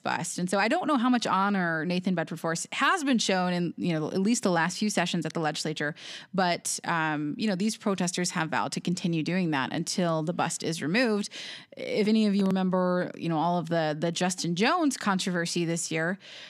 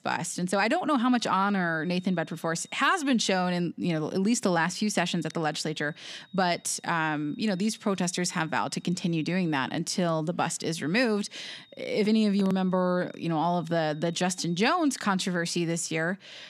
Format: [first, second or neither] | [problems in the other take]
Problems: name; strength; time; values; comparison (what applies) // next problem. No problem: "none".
first | high-pitched whine; faint; from 1 to 3 s, from 5 to 10 s and from 11 to 15 s; 3.5 kHz, 30 dB below the speech